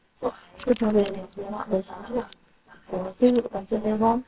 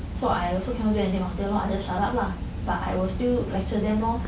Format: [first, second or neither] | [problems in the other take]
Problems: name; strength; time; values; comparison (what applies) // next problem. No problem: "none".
second | noise reduction (neural separator model SepFormer WHAMR!)